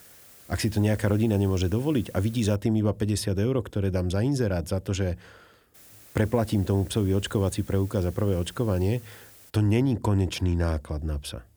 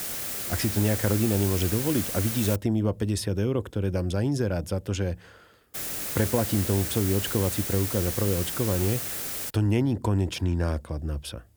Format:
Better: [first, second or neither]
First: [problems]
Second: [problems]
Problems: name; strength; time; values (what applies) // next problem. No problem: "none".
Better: first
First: hiss; faint; until 2.5 s and from 6 to 9.5 s; 20 dB below the speech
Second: hiss; loud; until 2.5 s and from 6 to 9.5 s; 3 dB below the speech